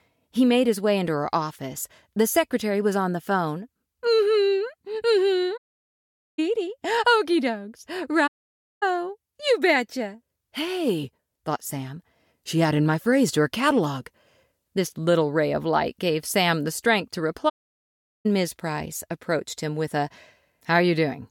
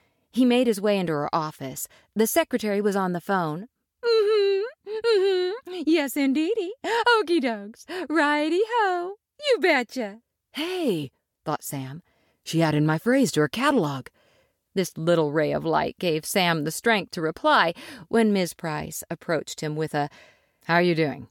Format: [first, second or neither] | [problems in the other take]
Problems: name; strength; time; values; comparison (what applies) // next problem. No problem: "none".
second | audio cutting out; at 5.5 s for 1 s, at 8.5 s for 0.5 s and at 18 s for 1 s